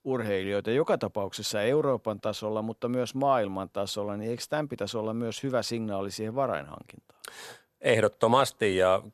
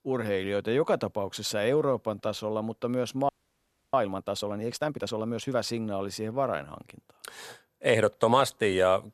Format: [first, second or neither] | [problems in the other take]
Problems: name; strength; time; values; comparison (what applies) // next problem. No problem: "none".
first | audio freezing; at 3.5 s for 0.5 s